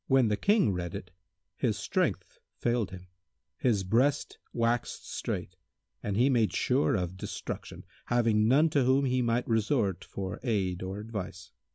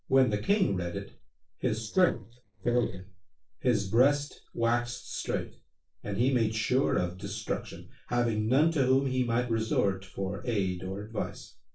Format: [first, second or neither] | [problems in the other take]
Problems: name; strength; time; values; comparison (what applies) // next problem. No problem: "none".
first | noise reduction (neural separator model SepFormer DNS4)